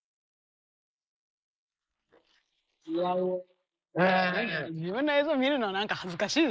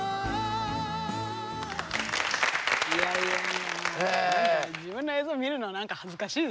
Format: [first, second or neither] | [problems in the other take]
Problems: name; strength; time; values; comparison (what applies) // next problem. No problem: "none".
second | noise reduction (neural mask model Resemble Enhance denoiser)